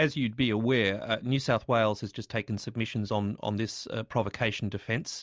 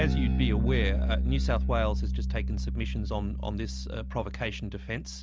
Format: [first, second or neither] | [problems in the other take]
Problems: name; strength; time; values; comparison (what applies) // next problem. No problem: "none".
first | background sound (Bass guitar); 4 dB above the speech